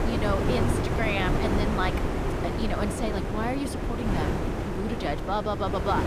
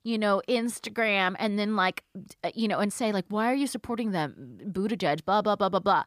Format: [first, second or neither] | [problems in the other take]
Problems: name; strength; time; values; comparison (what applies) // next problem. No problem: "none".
second | wind noise on the microphone; heavy; 1 dB below the speech